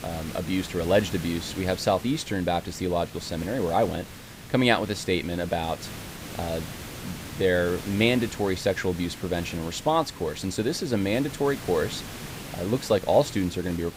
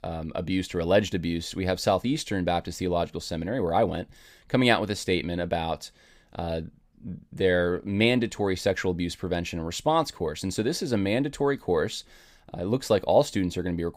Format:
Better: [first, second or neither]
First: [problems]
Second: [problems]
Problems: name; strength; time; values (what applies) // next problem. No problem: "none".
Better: second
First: hiss; noticeable; throughout; 15 dB below the speech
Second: none